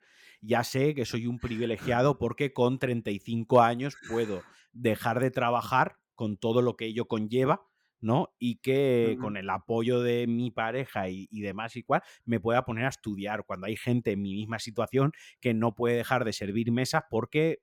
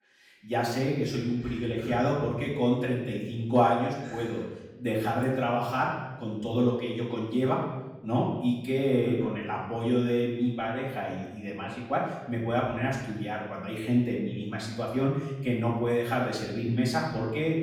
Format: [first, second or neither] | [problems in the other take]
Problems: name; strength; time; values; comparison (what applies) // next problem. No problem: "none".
first | room echo; noticeable; dies away in 1 s // off-mic speech; far